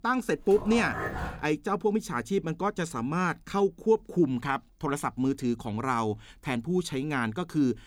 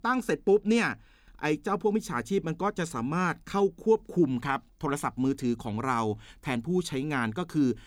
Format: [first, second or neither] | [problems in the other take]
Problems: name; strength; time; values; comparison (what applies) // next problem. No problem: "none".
second | dog barking; noticeable; until 1.5 s; peak 4 dB below the speech